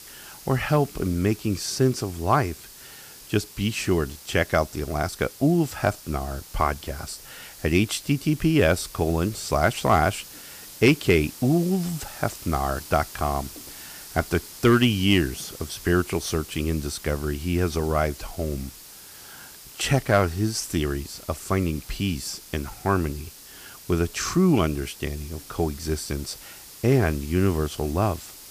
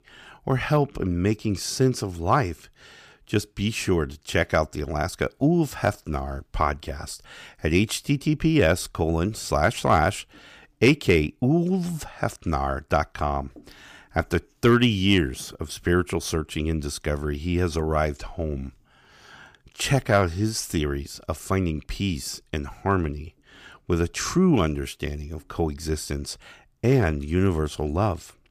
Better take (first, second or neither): second